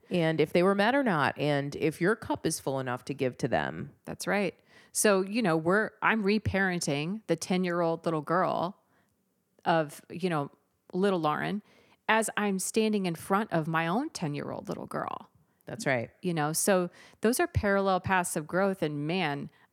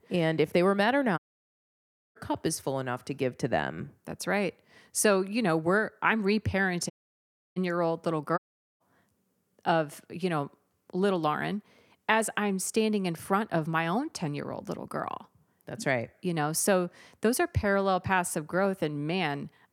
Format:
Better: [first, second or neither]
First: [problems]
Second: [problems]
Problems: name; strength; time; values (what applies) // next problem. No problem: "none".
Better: first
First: none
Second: audio cutting out; at 1 s for 1 s, at 7 s for 0.5 s and at 8.5 s